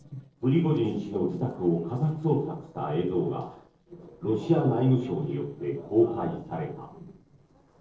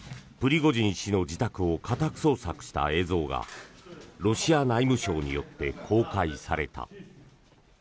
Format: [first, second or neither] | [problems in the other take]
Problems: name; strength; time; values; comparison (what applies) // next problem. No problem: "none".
second | noise reduction (neural separator model SepFormer DNS4)